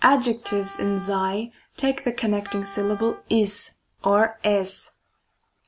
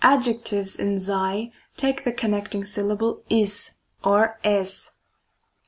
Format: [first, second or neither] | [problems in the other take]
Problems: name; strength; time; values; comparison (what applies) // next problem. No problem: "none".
second | background sound (Wind instrument, woodwind instrument); 17 dB below the speech